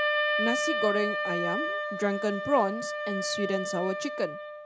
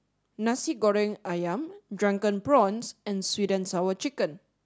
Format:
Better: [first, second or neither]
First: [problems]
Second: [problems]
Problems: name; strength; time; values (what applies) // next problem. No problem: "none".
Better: second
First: background sound (Wind instrument, woodwind instrument); as loud as the speech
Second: none